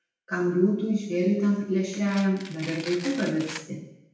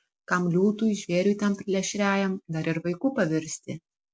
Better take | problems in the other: second | background sound (Domestic sounds, home sounds); 14 dB below the speech // room echo; dies away in 0.8 s

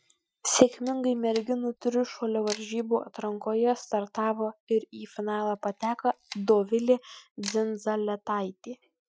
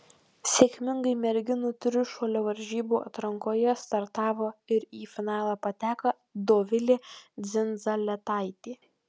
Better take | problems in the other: second | noise reduction (classical method Wiener filter)

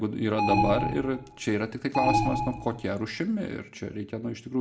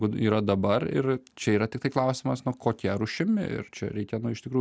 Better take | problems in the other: second | background sound (Alarm); as loud as the speech // room echo; dies away in 0.5 s

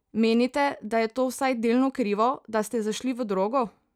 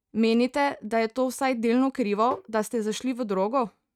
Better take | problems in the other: first | noise reduction (neural mask model RNNoise)

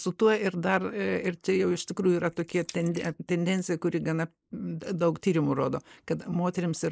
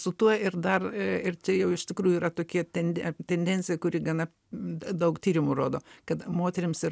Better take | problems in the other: second | noise reduction (neural mask model Resemble Enhance denoiser)

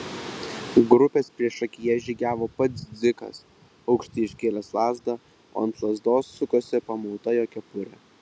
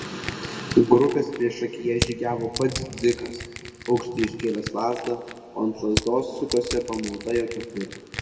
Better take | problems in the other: first | background sound (Crushing); 10 dB below the speech // room echo; dies away in 1.7 s

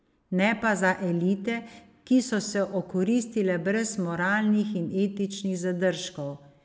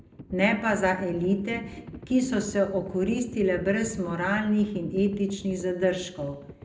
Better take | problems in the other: first | background sound (Livestock, farm animals, working animals); 16 dB below the speech // room echo; dies away in 0.5 s

